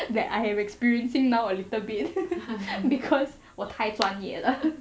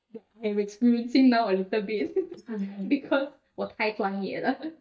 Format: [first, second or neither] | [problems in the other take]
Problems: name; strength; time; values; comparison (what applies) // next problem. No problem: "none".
first | noise reduction (neural mask model DeepFilterNet 3)